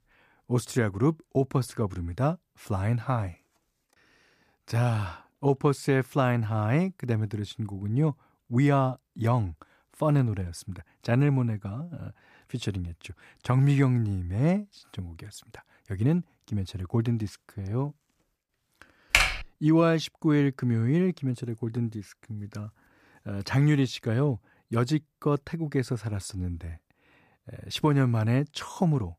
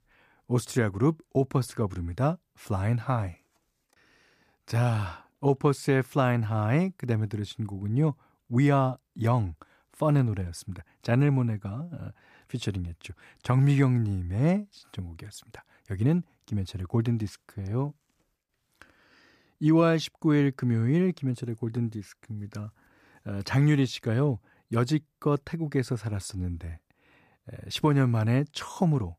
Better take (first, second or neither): second